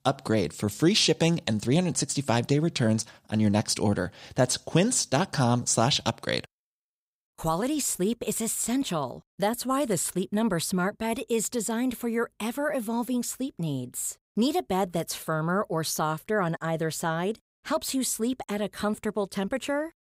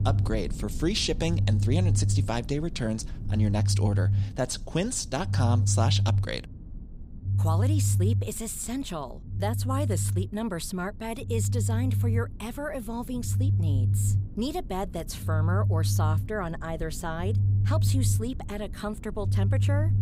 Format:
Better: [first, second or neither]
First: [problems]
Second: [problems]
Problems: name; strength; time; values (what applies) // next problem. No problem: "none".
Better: first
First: none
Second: low rumble; loud; throughout; 8 dB below the speech